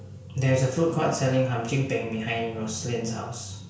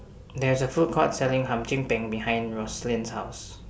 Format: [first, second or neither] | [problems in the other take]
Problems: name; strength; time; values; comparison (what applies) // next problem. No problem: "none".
second | room echo; dies away in 0.5 s